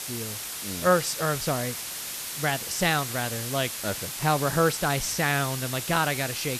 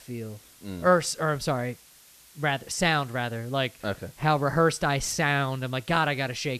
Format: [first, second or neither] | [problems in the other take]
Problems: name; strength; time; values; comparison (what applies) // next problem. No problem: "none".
second | hiss; loud; throughout; 5 dB below the speech; faint in the second